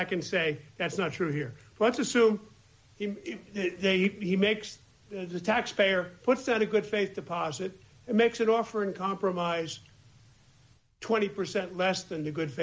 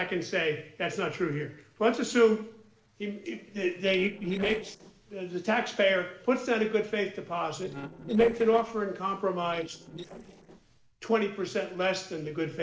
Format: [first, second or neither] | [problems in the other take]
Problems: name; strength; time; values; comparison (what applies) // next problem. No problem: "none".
first | noise reduction (neural separator model SepFormer DNS4)